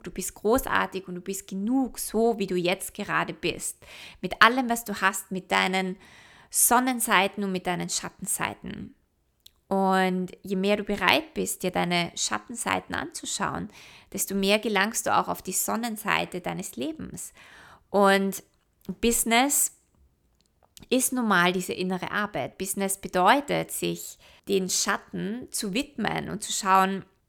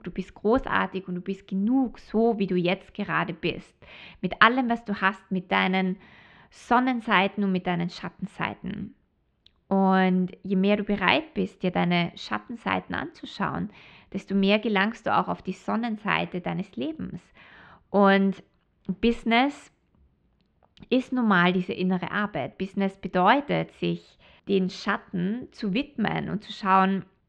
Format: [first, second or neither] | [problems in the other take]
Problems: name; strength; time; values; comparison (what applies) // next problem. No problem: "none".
first | muffled; very; fading above 3.5 kHz